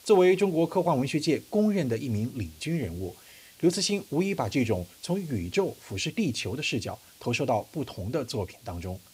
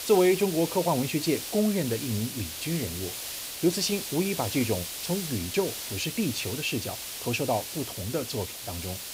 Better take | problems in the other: first | hiss; loud; throughout; 5 dB below the speech; faint in the first

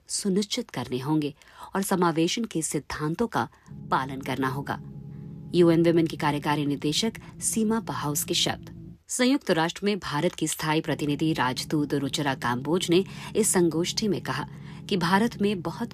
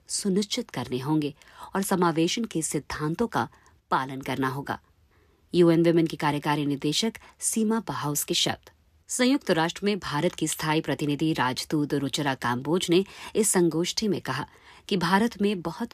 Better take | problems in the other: second | low rumble; faint; from 3.5 to 9 s and from 11 s on; 25 dB below the speech

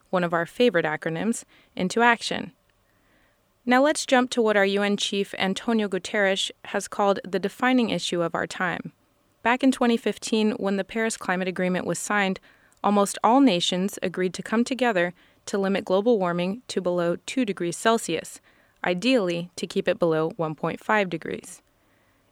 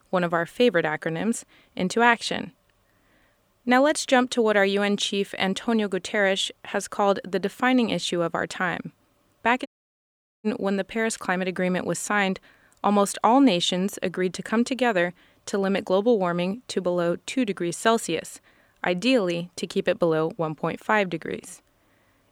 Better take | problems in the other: first | audio cutting out; at 9.5 s for 1 s

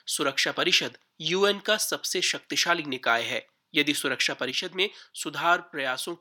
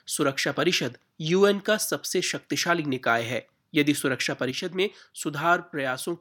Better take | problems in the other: second | thin; very slightly; fading below 750 Hz

